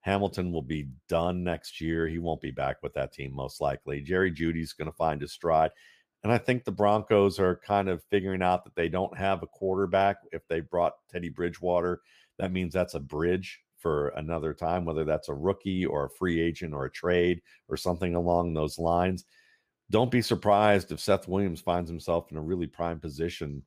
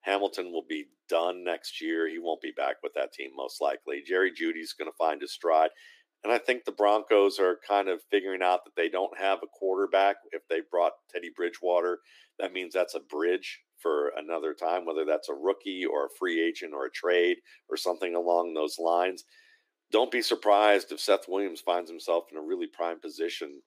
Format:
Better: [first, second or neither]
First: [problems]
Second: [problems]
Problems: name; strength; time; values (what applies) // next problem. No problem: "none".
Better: first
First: none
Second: thin; somewhat; fading below 300 Hz